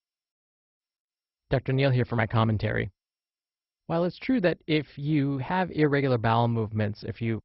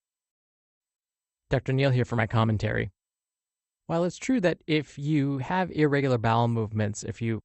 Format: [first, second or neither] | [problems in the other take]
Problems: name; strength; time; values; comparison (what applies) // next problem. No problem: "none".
second | garbled, watery; badly; nothing above 5.5 kHz; slightly in the second